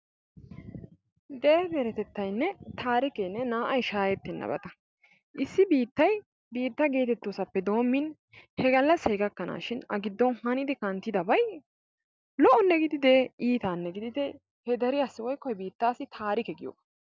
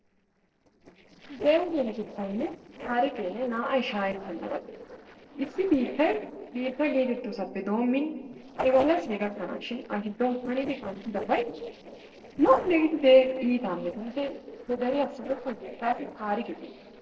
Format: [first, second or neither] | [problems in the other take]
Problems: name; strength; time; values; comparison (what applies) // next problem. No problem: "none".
first | noise reduction (neural separator model SepFormer DNS4)